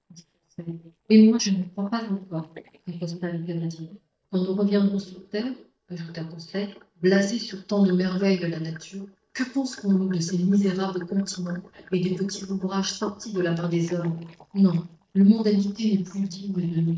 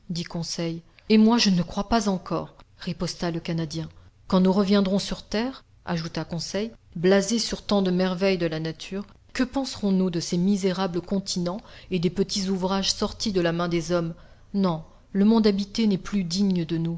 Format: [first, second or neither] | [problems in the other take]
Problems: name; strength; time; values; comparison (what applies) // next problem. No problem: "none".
second | noise reduction (neural mask model DeepFilterNet 3)